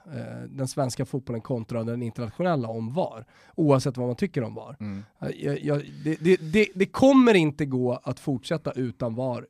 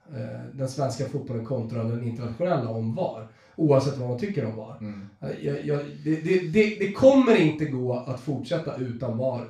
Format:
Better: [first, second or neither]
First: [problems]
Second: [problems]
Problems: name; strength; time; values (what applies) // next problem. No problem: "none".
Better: first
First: none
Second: room echo; noticeable; dies away in 0.3 s // off-mic speech; far